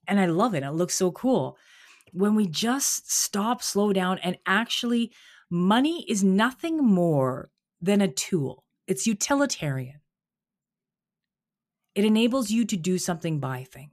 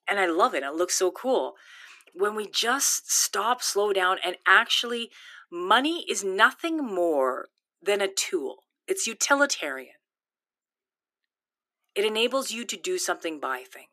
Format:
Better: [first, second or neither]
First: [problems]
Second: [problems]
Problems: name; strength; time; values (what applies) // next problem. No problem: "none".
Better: first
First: none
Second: thin; very; fading below 300 Hz